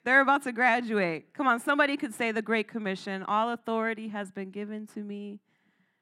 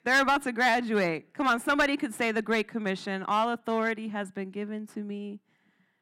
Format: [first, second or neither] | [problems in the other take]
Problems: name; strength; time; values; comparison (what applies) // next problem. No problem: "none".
first | distortion; slight; 3% of the sound clipped